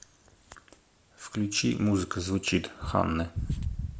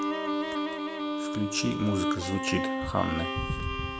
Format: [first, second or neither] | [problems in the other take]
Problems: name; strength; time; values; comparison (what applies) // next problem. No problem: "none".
first | background sound (Bowed string instrument); as loud as the speech